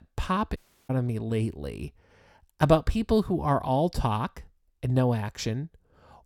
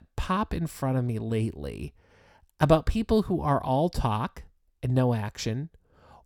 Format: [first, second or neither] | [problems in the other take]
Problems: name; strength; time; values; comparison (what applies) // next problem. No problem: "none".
second | audio cutting out; at 0.5 s